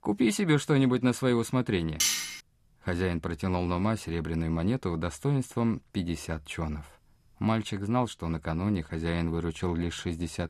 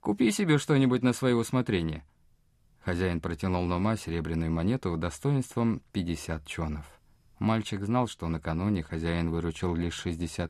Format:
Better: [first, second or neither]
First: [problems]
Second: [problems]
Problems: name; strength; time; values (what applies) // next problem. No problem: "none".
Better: second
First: clattering dishes; loud; at 2 s; peak 4 dB above the speech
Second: none